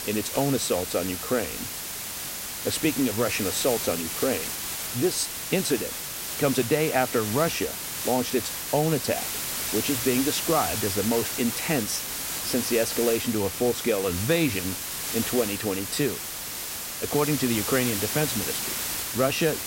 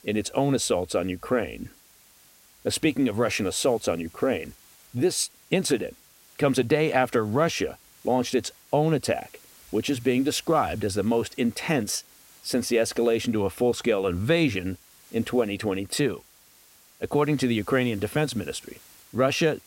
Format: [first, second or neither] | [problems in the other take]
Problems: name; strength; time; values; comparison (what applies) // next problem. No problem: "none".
second | hiss; loud; throughout; 2 dB below the speech; faint in the second